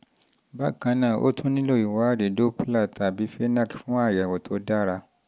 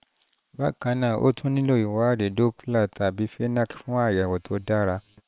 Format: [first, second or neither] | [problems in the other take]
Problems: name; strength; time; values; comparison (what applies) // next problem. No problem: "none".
first | noise reduction (neural separator model SepFormer WHAM!)